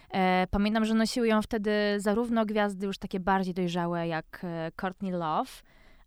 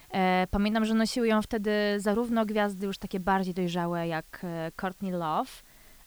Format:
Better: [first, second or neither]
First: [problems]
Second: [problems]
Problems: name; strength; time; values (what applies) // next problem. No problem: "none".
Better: first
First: none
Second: hiss; faint; throughout; 25 dB below the speech